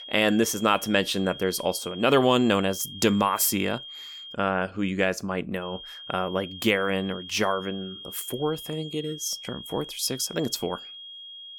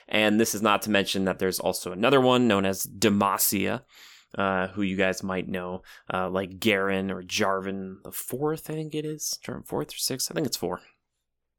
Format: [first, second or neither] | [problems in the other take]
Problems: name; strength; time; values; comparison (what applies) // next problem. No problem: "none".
second | high-pitched whine; noticeable; until 4.5 s and from 5.5 s on; 3 kHz, 15 dB below the speech